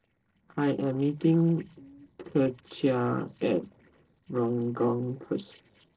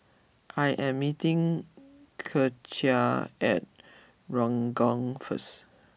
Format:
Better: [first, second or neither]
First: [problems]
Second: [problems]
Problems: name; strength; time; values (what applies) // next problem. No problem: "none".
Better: second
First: noise reduction (neural separator model SepFormer DNS4)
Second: none